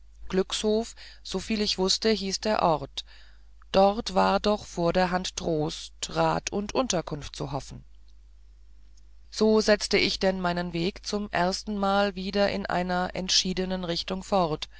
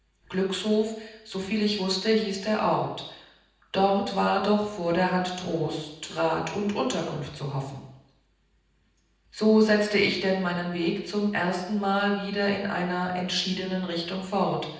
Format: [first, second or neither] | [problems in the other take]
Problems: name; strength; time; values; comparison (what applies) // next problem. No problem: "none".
first | room echo; dies away in 0.9 s